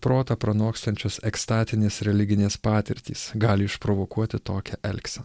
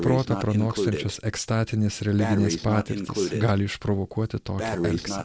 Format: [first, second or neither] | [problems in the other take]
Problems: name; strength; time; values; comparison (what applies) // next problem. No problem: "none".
first | background sound (Breathing); 5 dB below the speech